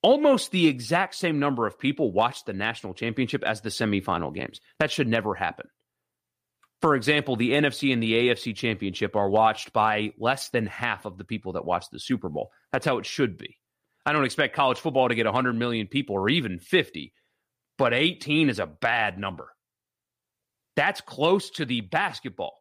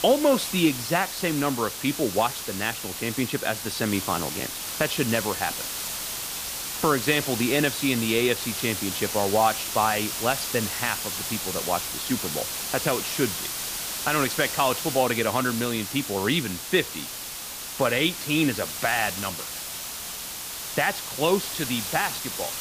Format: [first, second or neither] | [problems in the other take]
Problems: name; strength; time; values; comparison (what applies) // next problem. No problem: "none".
first | hiss; loud; throughout; 4 dB below the speech